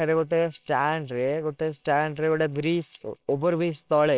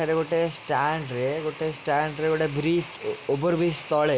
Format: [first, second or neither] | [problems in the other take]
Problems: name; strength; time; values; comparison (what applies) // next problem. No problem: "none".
second | noise reduction (neural separator model SepFormer WHAMR!)